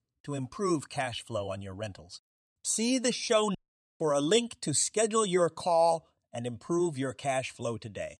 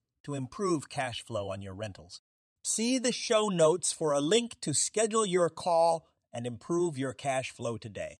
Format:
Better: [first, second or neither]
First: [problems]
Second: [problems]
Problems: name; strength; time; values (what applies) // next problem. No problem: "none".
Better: second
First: audio cutting out; at 3.5 s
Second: none